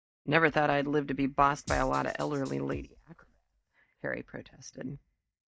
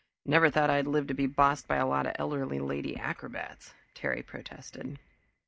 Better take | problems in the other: second | noise reduction (neural mask model DeepFilterNet 3)

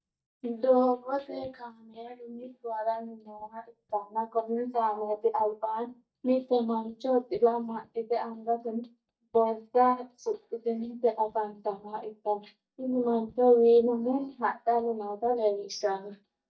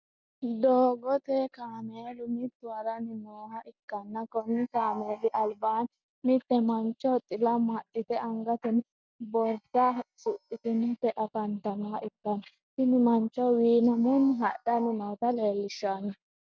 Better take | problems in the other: second | noise reduction (neural mask model DeepFilterNet 3)

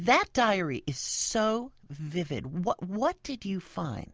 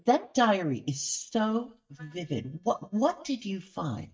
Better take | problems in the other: first | noise reduction (neural mask model DeepFilterNet 3)

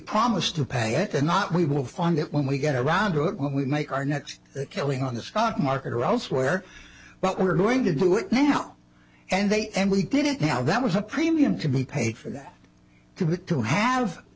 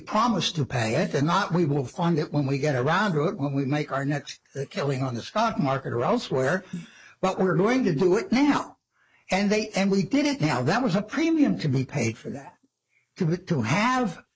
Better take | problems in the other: first | noise reduction (neural mask model Resemble Enhance denoiser)

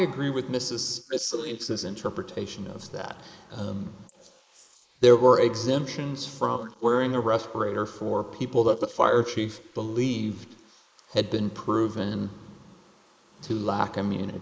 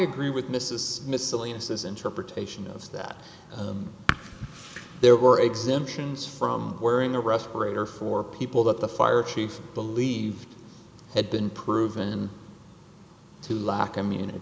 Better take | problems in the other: second | noise reduction (neural mask model Resemble Enhance denoiser)

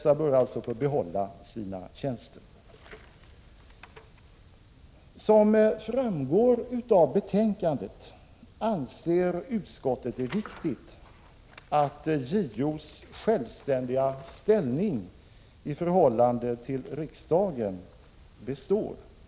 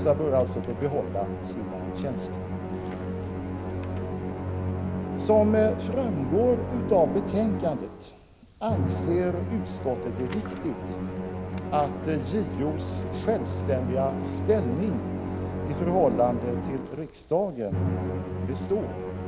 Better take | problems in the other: first | background sound (Musical instrument); 2 dB below the speech

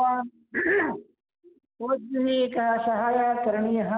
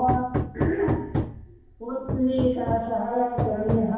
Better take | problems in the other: first | background sound (Hammer); 3 dB below the speech // room echo; dies away in 2.2 s

